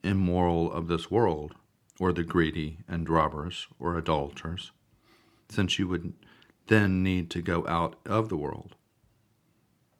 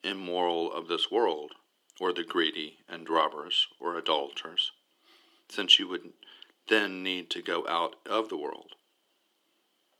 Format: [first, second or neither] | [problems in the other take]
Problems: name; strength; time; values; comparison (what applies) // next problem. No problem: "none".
first | thin; somewhat; fading below 350 Hz